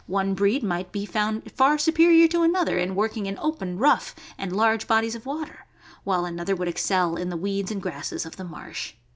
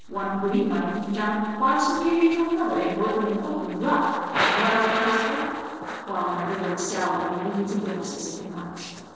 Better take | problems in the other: first | noise reduction (neural separator model SepFormer DNS4)

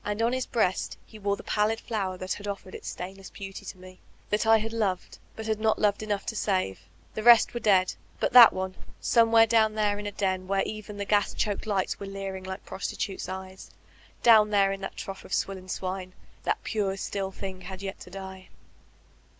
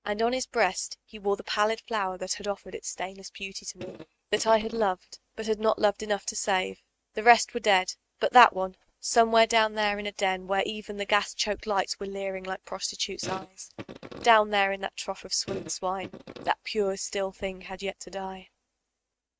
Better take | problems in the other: first | noise reduction (neural mask model RNNoise)

